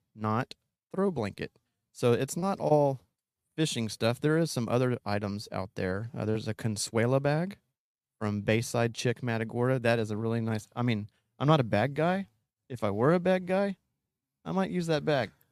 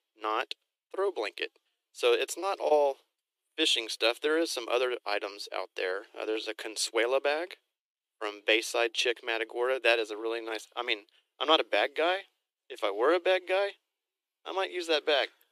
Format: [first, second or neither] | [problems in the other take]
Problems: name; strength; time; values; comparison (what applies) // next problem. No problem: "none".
first | thin; very; fading below 350 Hz